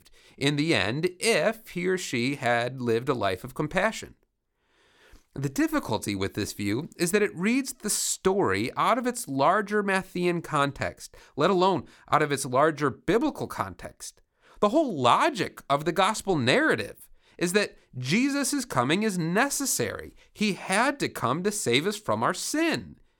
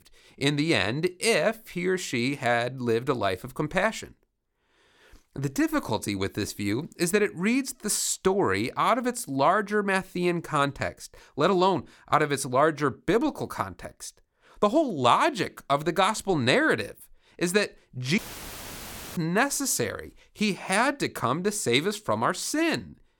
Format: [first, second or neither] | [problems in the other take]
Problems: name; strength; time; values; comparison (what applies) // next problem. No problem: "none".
first | audio cutting out; filled with static; at 18 s for 1 s